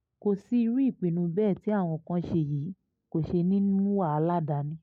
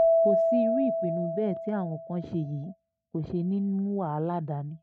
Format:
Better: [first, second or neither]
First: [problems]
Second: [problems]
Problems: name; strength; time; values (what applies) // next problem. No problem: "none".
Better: first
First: none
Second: noise reduction (neural mask model RNNoise)